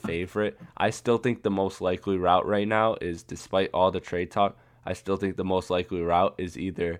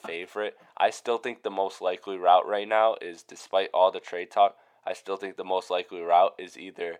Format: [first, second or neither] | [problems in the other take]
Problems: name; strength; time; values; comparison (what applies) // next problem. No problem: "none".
first | thin; very; fading below 500 Hz